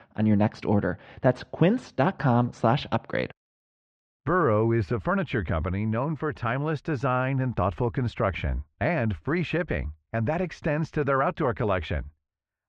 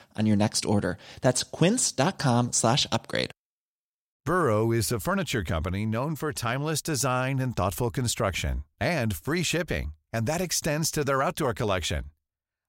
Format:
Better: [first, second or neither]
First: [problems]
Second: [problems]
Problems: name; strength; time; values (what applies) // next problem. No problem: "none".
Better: second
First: muffled; very; fading above 2.5 kHz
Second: none